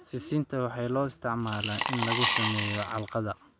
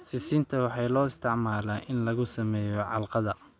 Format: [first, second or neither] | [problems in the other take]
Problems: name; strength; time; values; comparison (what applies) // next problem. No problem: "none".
second | background sound (Coin (dropping) / Glass); 1 dB below the speech